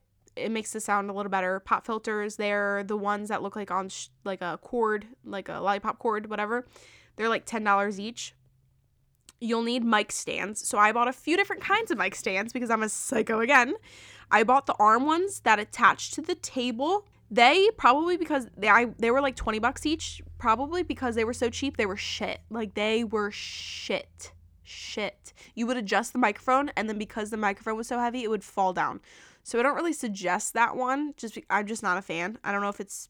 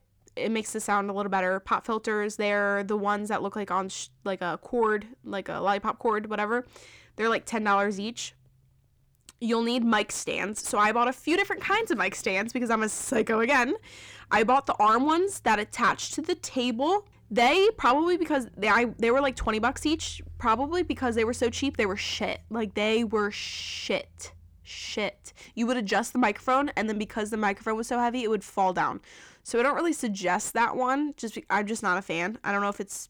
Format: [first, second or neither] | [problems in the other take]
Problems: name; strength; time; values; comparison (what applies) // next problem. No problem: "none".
first | distortion; slight; 10 dB below the speech